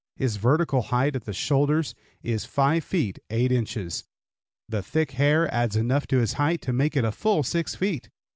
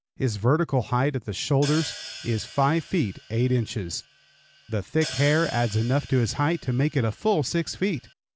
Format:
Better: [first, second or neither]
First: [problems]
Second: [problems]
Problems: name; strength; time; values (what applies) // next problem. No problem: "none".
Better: first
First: none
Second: background sound (Hi-hat); 16 dB below the speech